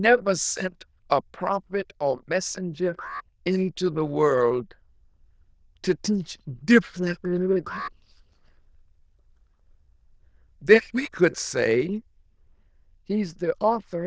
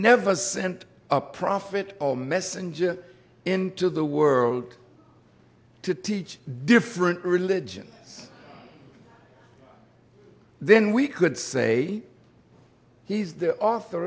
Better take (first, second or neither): second